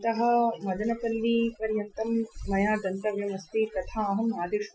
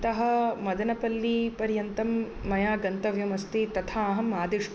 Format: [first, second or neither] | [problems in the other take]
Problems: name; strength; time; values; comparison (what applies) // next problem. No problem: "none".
second | noise reduction (classical method Wiener filter)